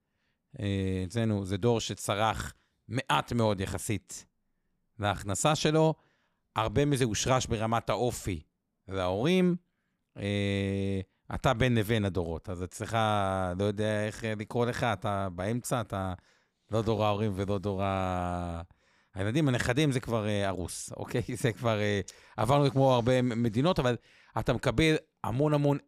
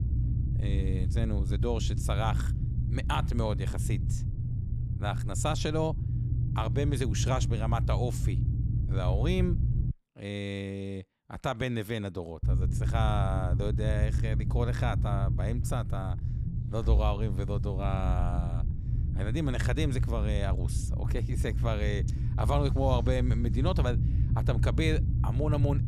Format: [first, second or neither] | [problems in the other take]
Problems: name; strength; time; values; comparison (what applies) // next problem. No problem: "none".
first | low rumble; loud; until 10 s and from 12 s on; 9 dB below the speech